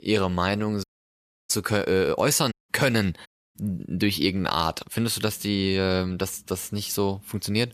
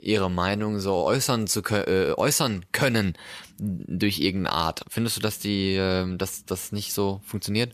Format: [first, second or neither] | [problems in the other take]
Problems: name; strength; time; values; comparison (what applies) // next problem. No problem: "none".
second | audio cutting out; at 1 s for 0.5 s, at 2.5 s and at 3.5 s